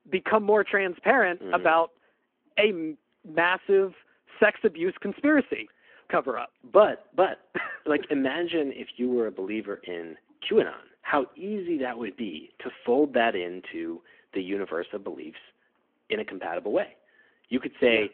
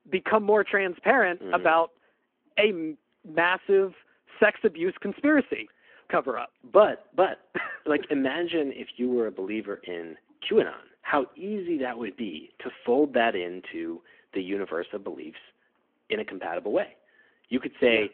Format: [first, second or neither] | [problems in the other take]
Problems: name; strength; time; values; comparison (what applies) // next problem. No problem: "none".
neither | phone-call audio; the same in both